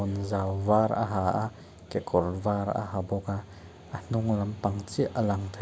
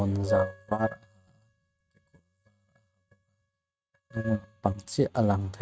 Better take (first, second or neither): first